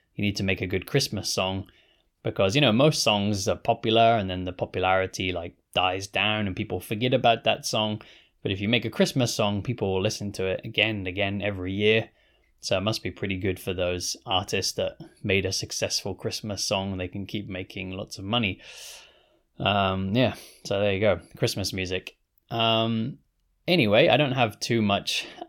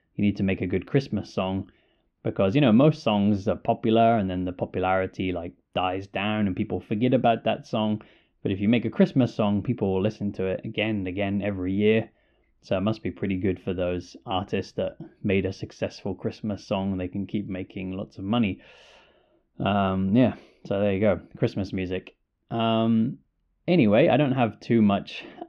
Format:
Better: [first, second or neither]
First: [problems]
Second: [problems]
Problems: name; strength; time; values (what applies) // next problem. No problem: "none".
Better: first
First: none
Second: muffled; very; fading above 2 kHz